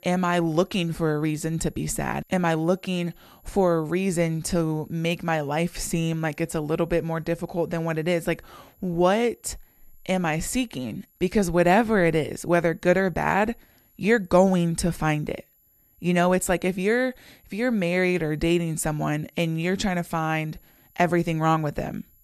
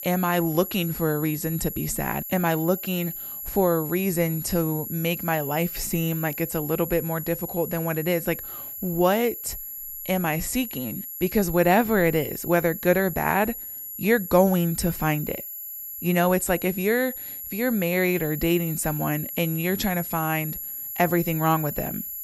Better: first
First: high-pitched whine; faint; throughout; 11.5 kHz, 35 dB below the speech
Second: high-pitched whine; loud; throughout; 11.5 kHz, 8 dB below the speech

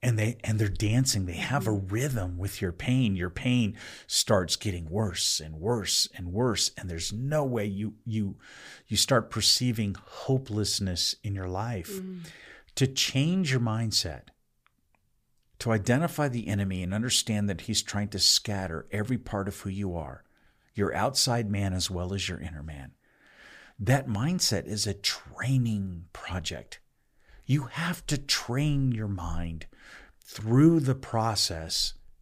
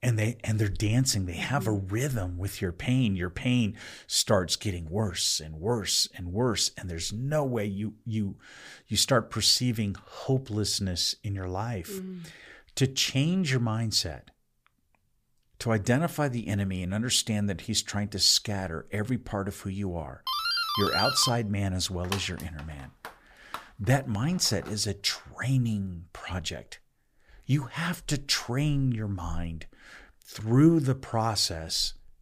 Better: first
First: none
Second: doorbell; loud; from 20 to 25 s; peak 1 dB above the speech

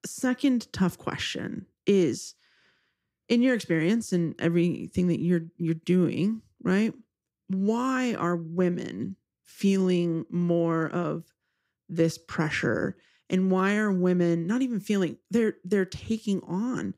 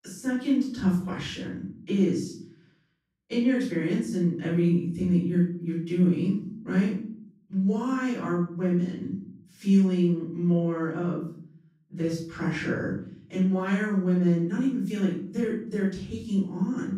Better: first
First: none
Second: off-mic speech; far // room echo; noticeable; dies away in 0.6 s

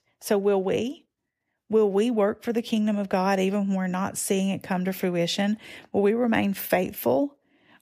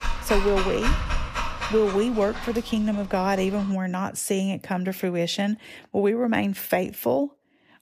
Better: first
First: none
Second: dog barking; noticeable; until 2.5 s; peak 1 dB below the speech

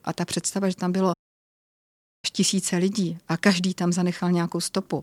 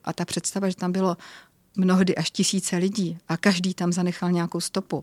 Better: second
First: audio cutting out; at 1 s for 1 s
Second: none

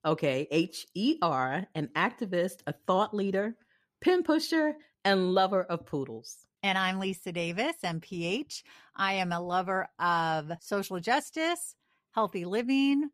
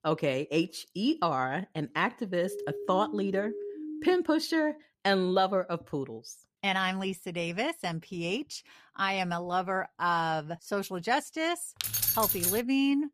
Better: first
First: none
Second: siren; noticeable; from 2.5 to 4 s; peak 8 dB below the speech // jangling keys; loud; at 12 s; peak 4 dB above the speech

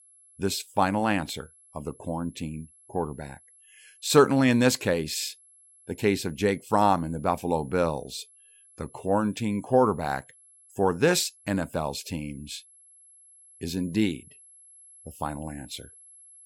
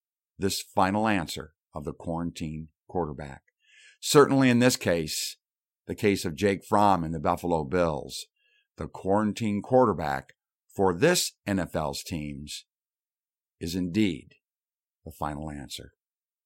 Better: second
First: high-pitched whine; faint; throughout; 11 kHz, 25 dB below the speech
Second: none

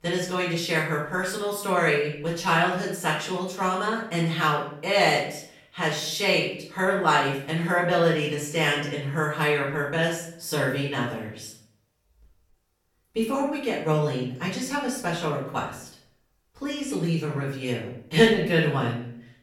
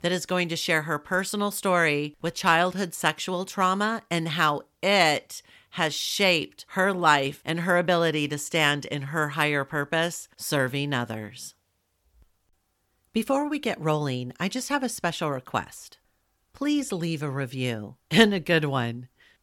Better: second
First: off-mic speech; far // room echo; noticeable; dies away in 0.5 s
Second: none

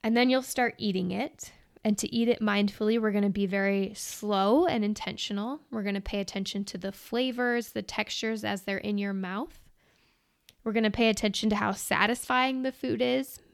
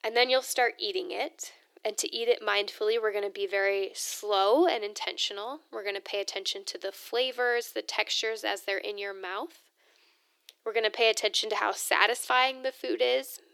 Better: first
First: none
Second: thin; very; fading below 350 Hz

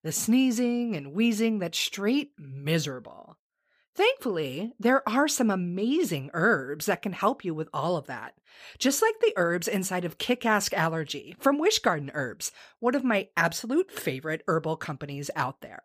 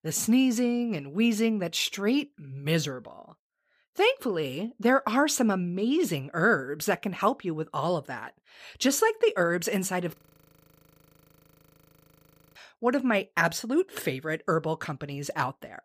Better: first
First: none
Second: audio freezing; at 10 s for 2.5 s

